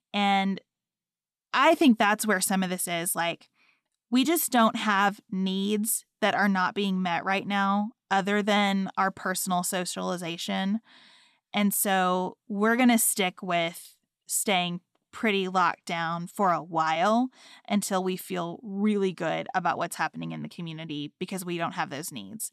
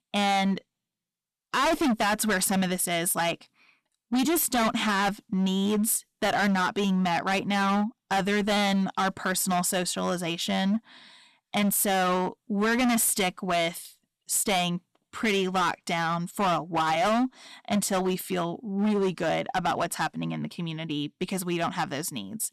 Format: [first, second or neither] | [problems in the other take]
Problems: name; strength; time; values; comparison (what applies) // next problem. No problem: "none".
first | distortion; heavy; 15% of the sound clipped